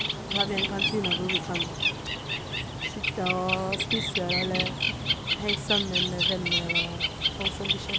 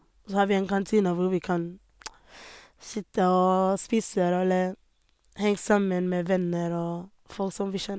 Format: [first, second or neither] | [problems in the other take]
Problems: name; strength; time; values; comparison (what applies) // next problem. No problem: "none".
second | background sound (Bird); 5 dB above the speech